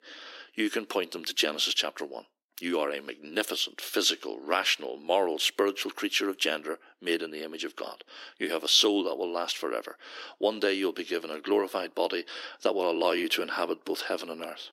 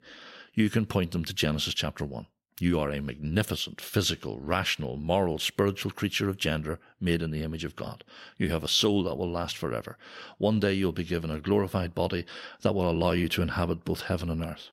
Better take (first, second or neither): second